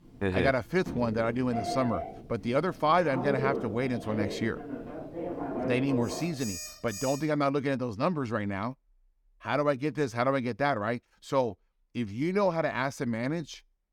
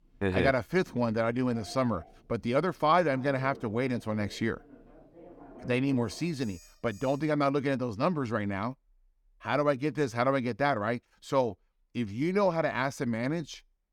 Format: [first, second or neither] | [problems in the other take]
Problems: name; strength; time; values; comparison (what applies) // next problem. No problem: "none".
second | alarms or sirens; loud; until 7 s; 7 dB below the speech; faint in the second